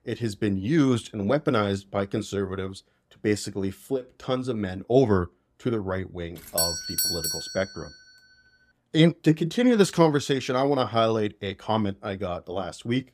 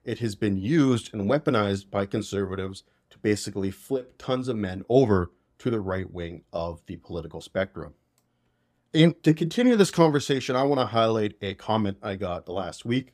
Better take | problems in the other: second | doorbell; loud; at 6.5 s; peak 1 dB above the speech

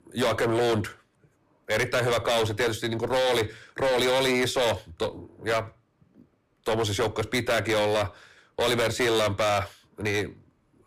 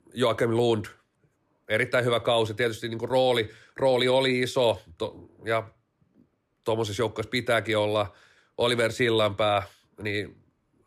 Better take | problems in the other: second | distortion; heavy; 19% of the sound clipped

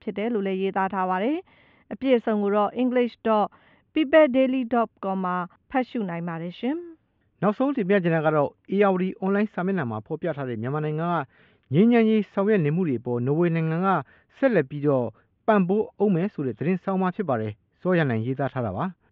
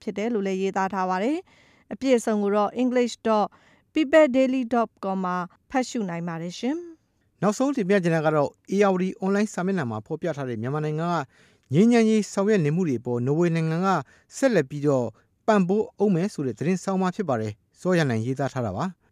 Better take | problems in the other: second | muffled; very; fading above 3 kHz

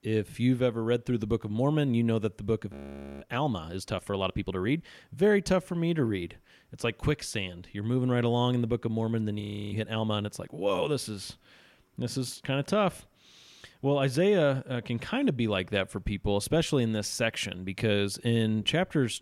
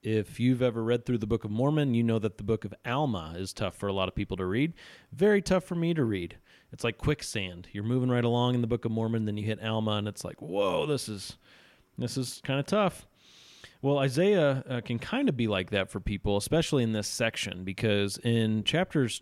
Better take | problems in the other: second | audio freezing; at 2.5 s and at 9.5 s

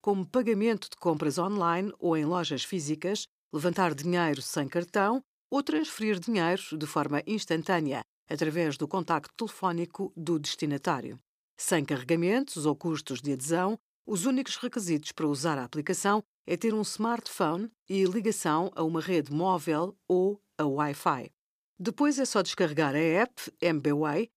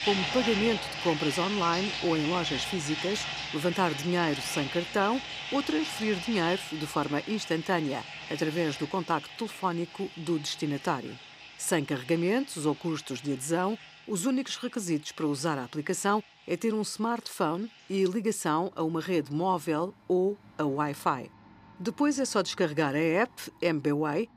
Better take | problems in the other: first | household noises; loud; throughout; 6 dB below the speech

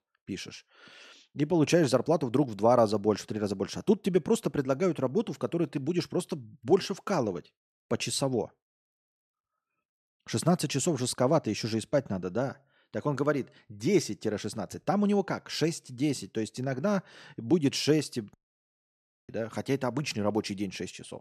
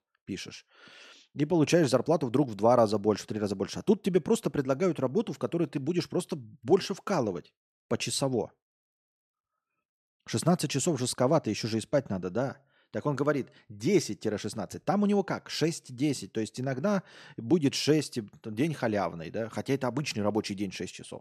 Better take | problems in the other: second | audio cutting out; at 18 s for 1 s

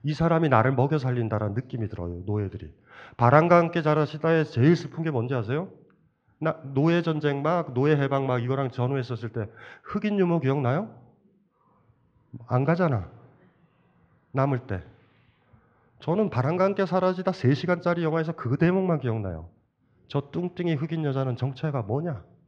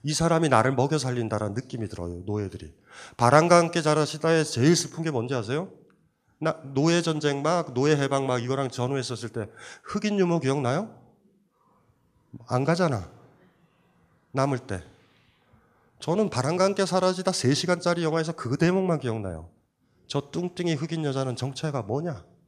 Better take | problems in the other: second | muffled; very; fading above 3 kHz

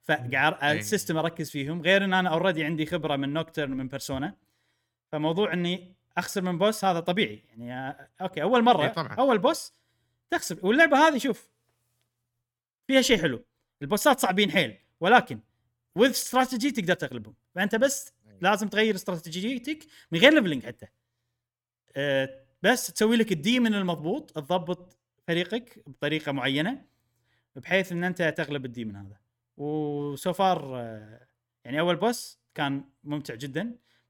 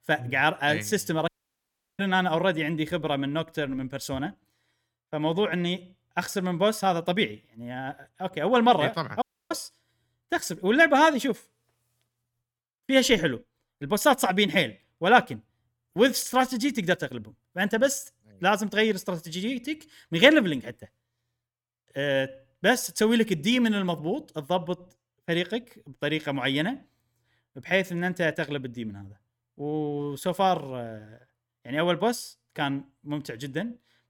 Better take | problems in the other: first | audio cutting out; at 1.5 s for 0.5 s and at 9 s

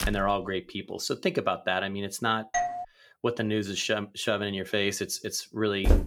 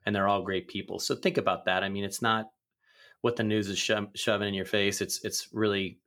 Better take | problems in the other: second | door banging; noticeable; at the start; peak 6 dB below the speech // doorbell; noticeable; at 2.5 s; peak 1 dB below the speech // footsteps; very faint; at 6 s; peak 3 dB above the speech

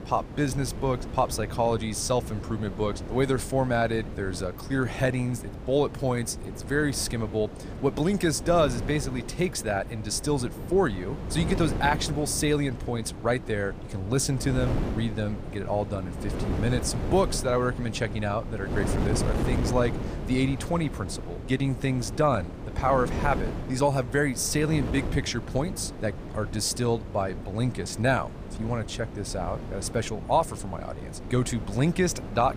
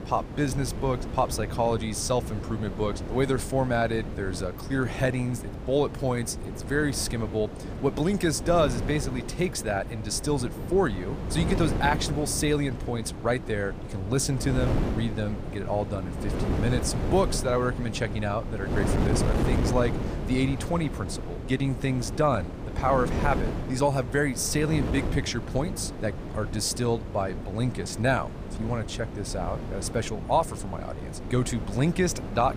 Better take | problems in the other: first | wind noise on the microphone; heavy; 9 dB below the speech; occasional gusts in the first

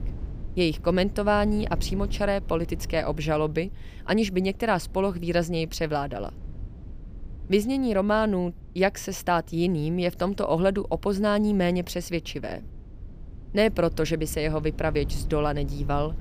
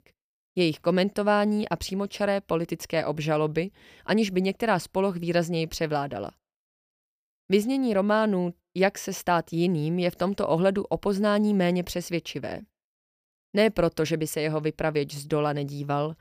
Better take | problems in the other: second | low rumble; faint; throughout; 25 dB below the speech

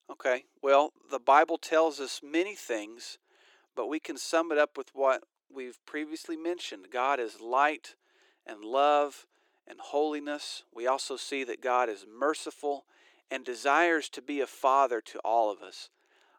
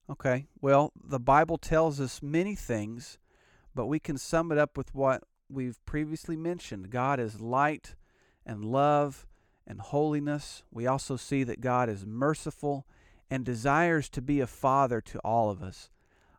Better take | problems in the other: second | thin; somewhat; fading below 350 Hz

